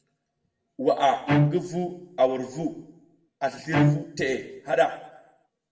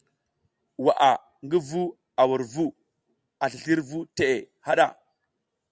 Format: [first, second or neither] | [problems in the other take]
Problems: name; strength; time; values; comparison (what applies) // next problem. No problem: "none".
second | background sound (Bowed string instrument); 1 dB above the speech // room echo; dies away in 0.8 s